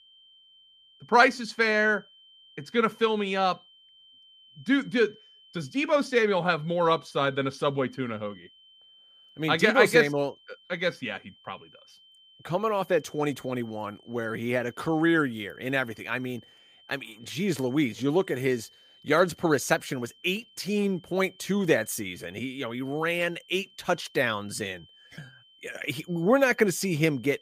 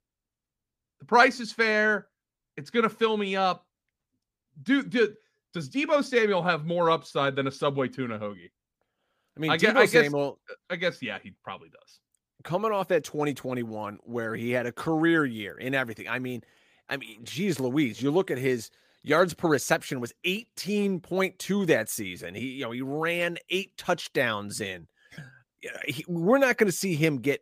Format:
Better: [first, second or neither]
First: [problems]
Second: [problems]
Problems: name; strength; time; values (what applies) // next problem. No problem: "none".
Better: second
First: high-pitched whine; faint; throughout; 3 kHz, 30 dB below the speech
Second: none